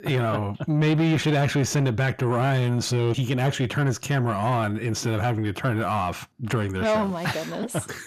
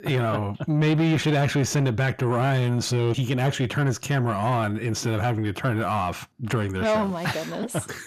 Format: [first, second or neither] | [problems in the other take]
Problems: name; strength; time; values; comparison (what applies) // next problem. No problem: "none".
neither | distortion; slight; 10 dB below the speech; the same in both